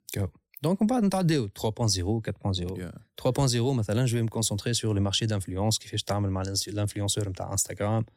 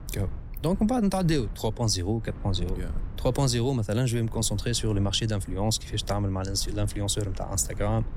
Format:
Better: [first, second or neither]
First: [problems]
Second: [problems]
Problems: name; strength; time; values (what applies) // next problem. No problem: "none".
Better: first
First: none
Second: low rumble; faint; throughout; 20 dB below the speech